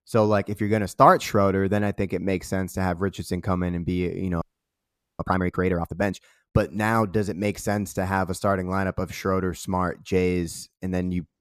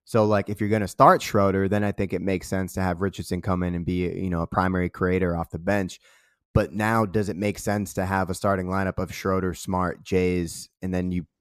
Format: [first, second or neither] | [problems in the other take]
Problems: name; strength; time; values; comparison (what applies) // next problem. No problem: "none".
second | audio freezing; at 4.5 s for 1 s